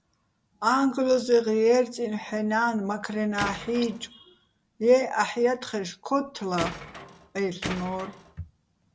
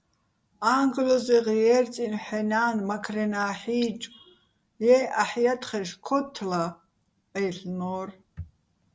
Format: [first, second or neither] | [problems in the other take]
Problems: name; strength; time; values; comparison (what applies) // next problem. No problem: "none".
second | background sound (Tools); 11 dB below the speech